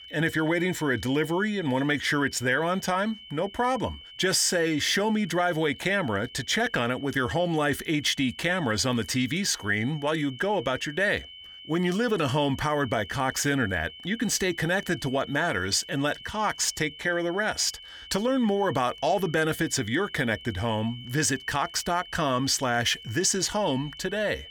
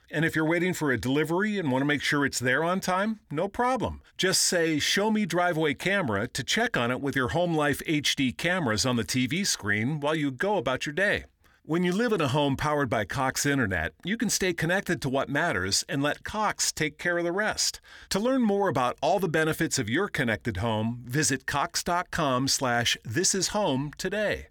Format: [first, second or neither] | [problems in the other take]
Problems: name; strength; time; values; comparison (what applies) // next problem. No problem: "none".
second | high-pitched whine; noticeable; throughout; 3 kHz, 15 dB below the speech